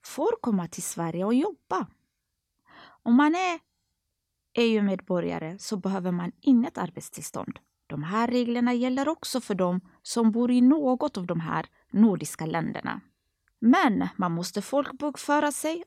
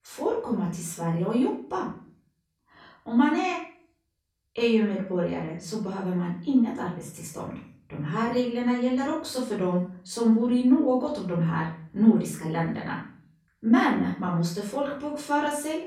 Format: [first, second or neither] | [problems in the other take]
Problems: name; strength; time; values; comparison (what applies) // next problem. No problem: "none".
first | off-mic speech; far // room echo; noticeable; dies away in 0.4 s